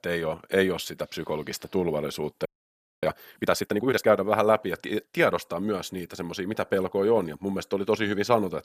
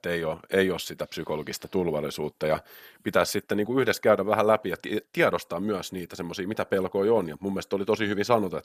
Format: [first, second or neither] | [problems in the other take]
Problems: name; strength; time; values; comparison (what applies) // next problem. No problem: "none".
second | audio freezing; at 2.5 s for 0.5 s